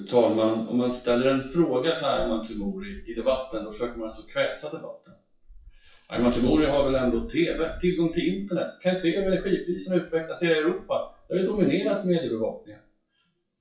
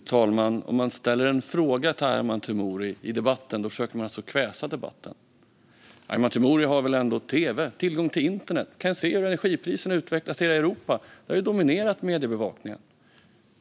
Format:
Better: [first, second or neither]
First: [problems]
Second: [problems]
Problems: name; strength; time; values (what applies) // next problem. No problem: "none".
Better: second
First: noise reduction (classical method WPE with log-MMSE)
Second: none